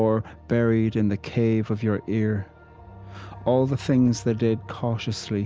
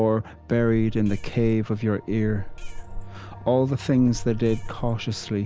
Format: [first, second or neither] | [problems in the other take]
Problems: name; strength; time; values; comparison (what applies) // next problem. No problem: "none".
first | background sound (Meow); 9 dB below the speech